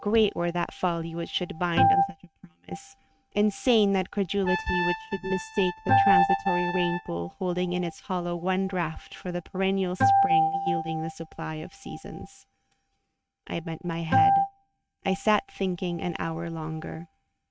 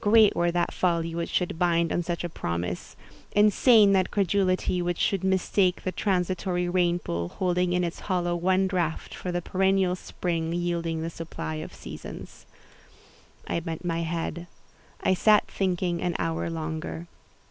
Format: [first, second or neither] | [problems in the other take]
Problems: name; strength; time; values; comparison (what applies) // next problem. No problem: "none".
second | noise reduction (neural mask model RNNoise)